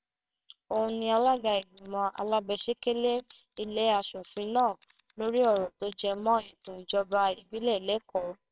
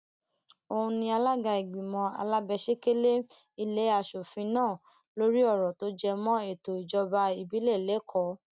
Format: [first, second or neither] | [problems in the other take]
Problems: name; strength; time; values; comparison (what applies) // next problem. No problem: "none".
second | noise reduction (neural separator model SepFormer WHAMR!)